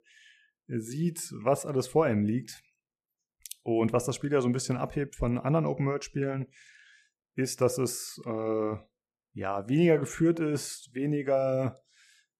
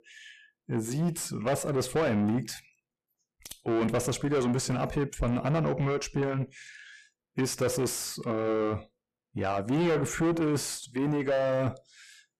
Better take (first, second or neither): first